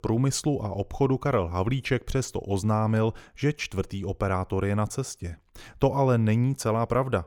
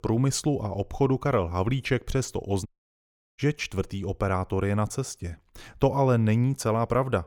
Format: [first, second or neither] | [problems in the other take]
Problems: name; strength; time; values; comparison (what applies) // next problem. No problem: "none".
first | audio cutting out; at 2.5 s for 0.5 s